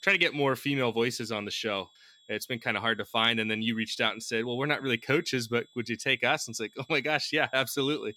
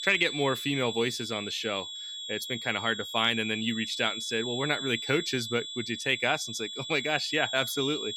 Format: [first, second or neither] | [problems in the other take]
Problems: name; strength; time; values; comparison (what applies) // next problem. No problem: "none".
first | high-pitched whine; loud; throughout; 3.5 kHz, 6 dB below the speech; faint in the first